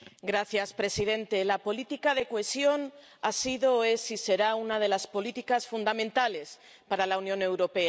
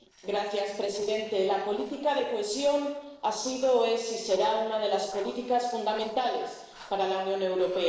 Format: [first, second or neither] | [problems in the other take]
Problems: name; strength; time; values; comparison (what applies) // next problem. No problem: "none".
first | noise reduction (neural separator model SepFormer DNS4)